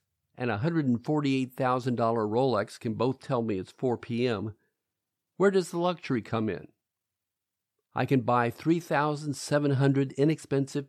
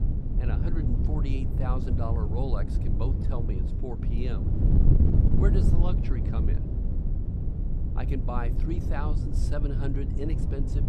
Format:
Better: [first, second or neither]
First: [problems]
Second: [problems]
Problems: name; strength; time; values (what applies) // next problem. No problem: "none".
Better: first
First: none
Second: wind noise on the microphone; heavy; 1 dB below the speech